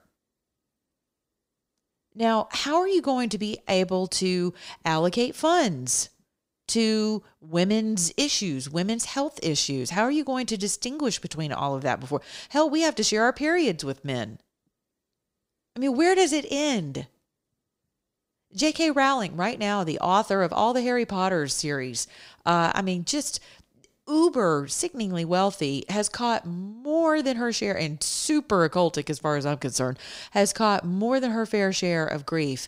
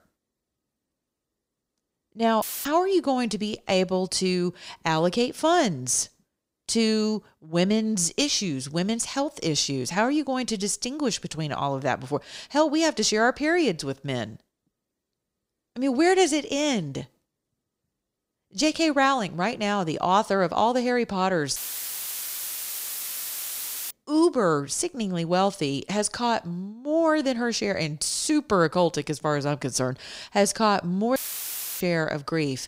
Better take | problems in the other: first | audio cutting out; filled with static; at 2.5 s, at 22 s for 2.5 s and at 31 s for 0.5 s

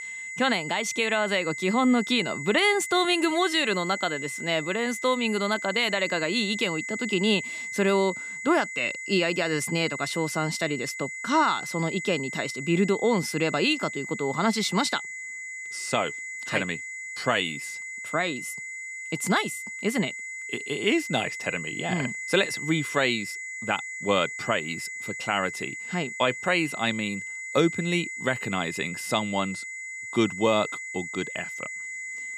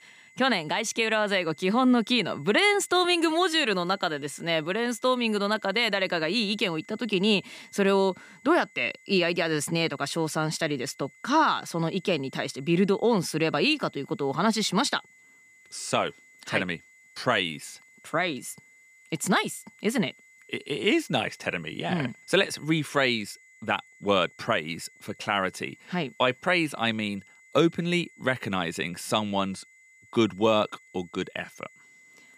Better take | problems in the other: second | high-pitched whine; loud; throughout; 2 kHz, 7 dB below the speech; faint in the second

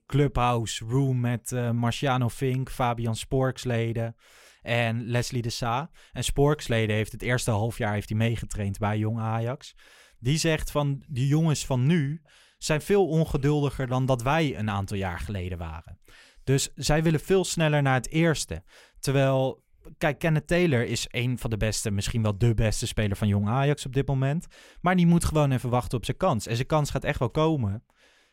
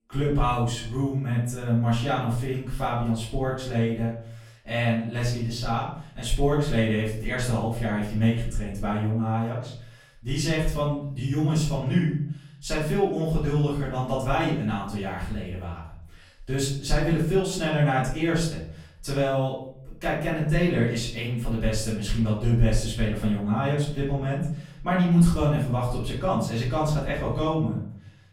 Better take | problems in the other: first | off-mic speech; far // room echo; noticeable; dies away in 0.5 s

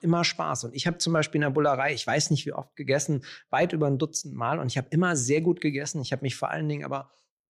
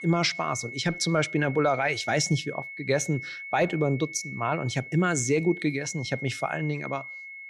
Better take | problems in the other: first | high-pitched whine; noticeable; throughout; 2 kHz, 10 dB below the speech

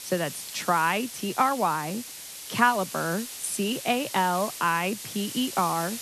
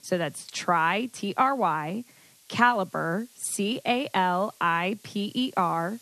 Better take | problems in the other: second | hiss; loud; throughout; 10 dB below the speech; faint in the second

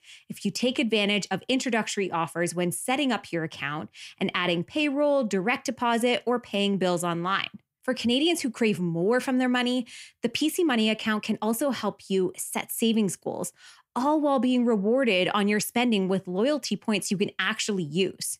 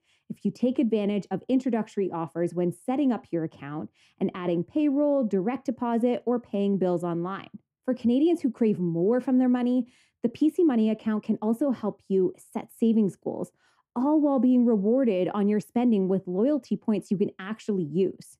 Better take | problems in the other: first | muffled; very; fading above 1.5 kHz

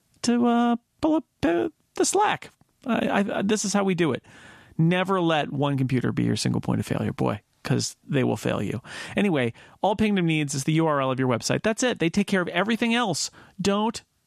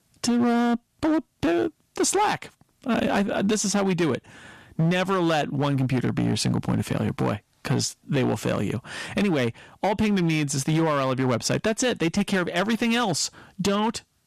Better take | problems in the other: first | distortion; slight; 11% of the sound clipped

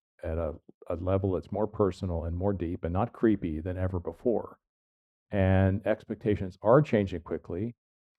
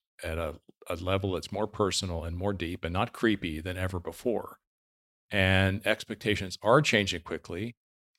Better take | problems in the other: second | muffled; very; fading above 2 kHz

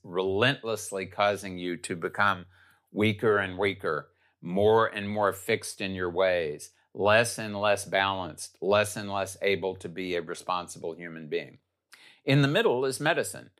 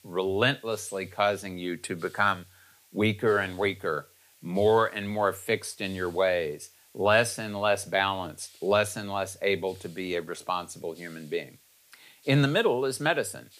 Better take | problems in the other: first | hiss; faint; throughout; 25 dB below the speech

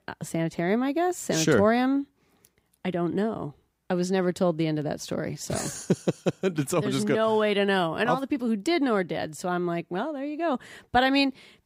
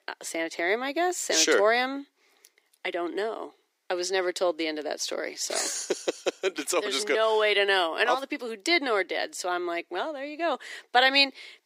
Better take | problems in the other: first | thin; somewhat; fading below 350 Hz

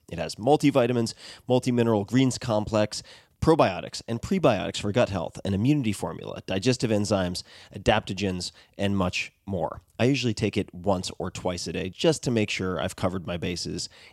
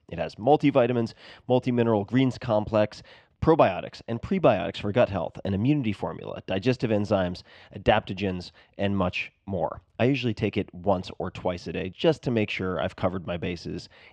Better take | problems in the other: first | muffled; slightly; fading above 2.5 kHz

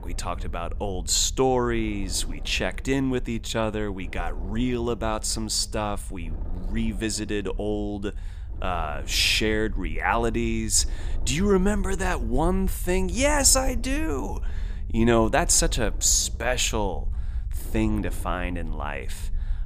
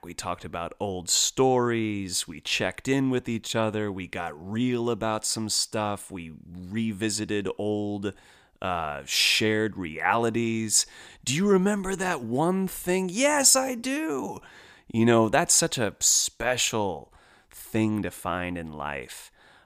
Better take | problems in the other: second | low rumble; faint; throughout; 25 dB below the speech

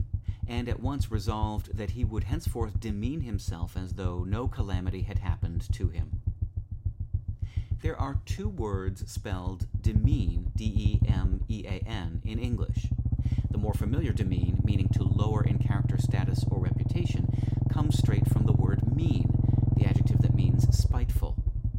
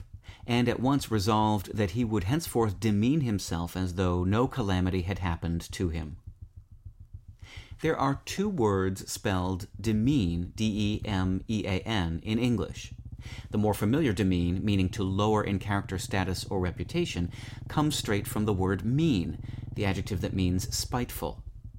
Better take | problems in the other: second | low rumble; loud; throughout; 1 dB below the speech; faint in the second

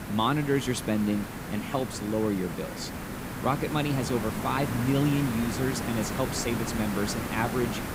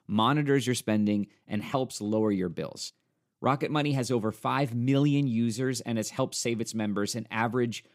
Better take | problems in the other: second | hiss; loud; throughout; 5 dB below the speech

